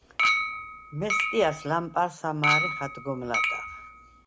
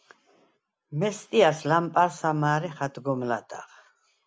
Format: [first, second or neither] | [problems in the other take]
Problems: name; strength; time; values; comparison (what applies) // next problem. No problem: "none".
second | background sound (Chink, clink); 2 dB above the speech